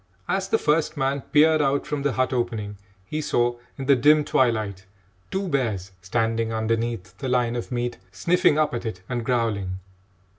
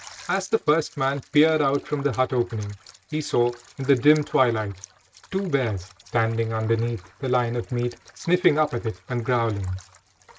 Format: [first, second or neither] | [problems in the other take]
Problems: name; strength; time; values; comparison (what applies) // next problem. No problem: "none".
first | noise reduction (neural mask model RNNoise)